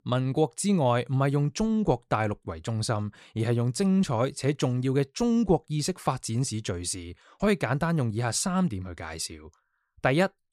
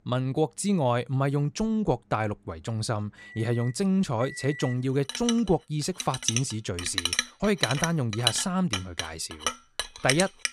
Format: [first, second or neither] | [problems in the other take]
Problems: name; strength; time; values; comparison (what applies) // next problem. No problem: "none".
first | household noises; loud; throughout; 3 dB below the speech